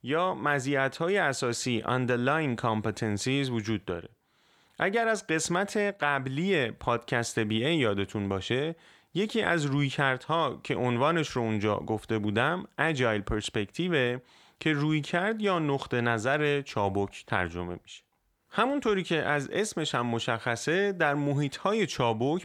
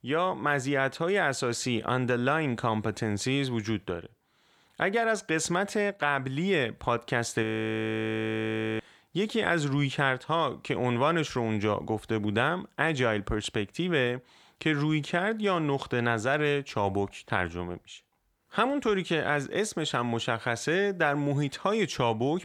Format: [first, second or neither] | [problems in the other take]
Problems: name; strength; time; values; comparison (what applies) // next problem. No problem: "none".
first | audio freezing; at 7.5 s for 1.5 s